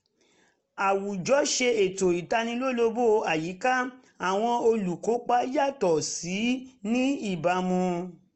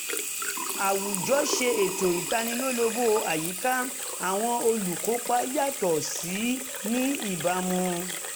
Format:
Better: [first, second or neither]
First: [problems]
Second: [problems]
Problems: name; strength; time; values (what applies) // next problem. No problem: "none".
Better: first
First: none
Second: background sound (Sink (filling or washing) / Water tap, faucet); 5 dB below the speech